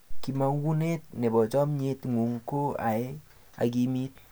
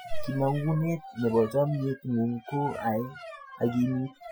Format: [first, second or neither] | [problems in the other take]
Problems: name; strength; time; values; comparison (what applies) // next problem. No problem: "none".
first | noise reduction (classical method Wiener filter)